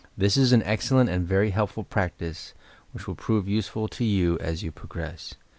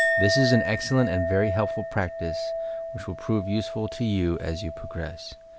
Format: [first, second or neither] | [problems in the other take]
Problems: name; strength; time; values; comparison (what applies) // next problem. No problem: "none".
first | background sound (Chink, clink); 3 dB below the speech